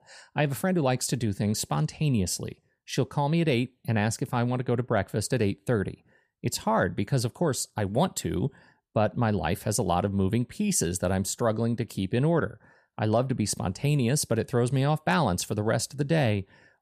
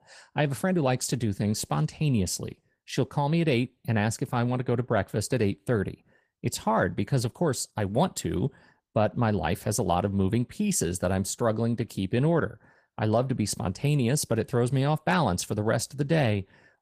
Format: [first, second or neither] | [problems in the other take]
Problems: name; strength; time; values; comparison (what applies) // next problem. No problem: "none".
first | garbled, watery; slightly; nothing above 15 kHz